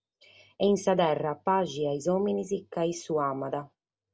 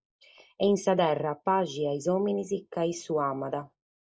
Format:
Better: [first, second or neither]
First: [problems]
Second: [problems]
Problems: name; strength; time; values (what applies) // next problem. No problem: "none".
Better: first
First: none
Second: noise reduction (neural mask model Resemble Enhance denoiser)